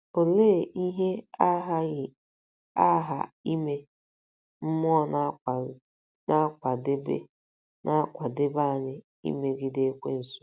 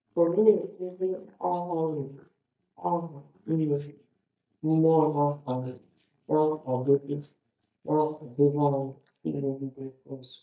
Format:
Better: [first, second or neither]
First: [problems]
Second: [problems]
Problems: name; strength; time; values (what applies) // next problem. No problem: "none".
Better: first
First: none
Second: noise reduction (neural mask model DeepFilterNet 3)